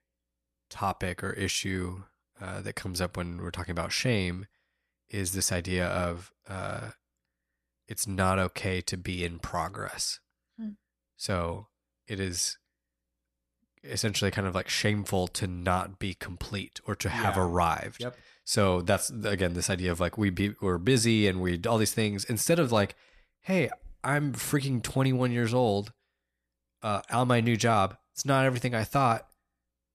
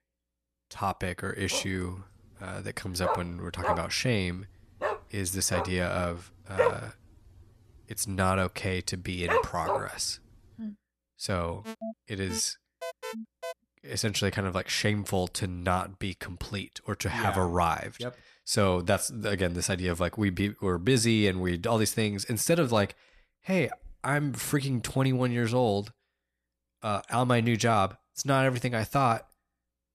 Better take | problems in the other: first | dog barking; loud; from 1.5 to 10 s; peak 1 dB above the speech // alarm; noticeable; from 12 to 14 s; peak 9 dB below the speech

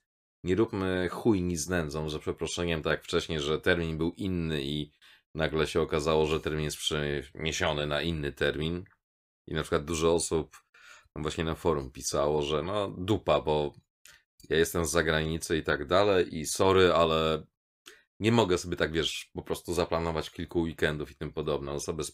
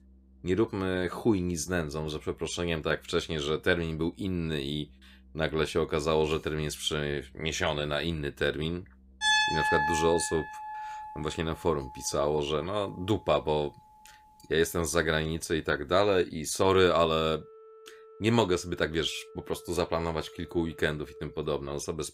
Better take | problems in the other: first | background music; loud; throughout; 1 dB below the speech

